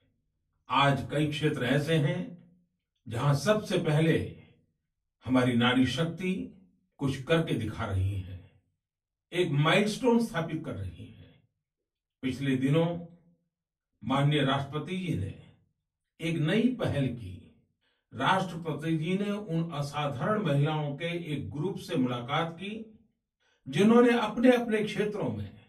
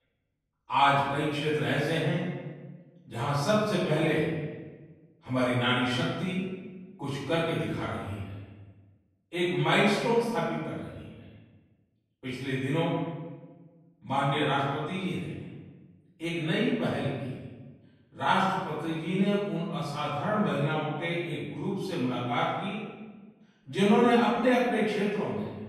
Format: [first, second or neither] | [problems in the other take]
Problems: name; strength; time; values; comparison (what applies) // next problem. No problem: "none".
first | room echo; strong; dies away in 1.1 s; slight in the first // off-mic speech; far; far in the first